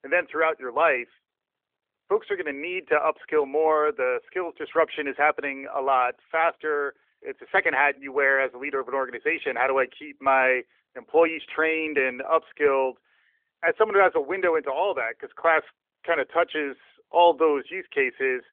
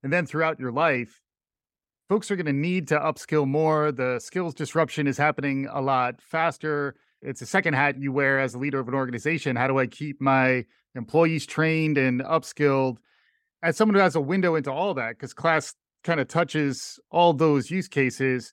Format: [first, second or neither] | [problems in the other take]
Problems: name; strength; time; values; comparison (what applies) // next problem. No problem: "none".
second | phone-call audio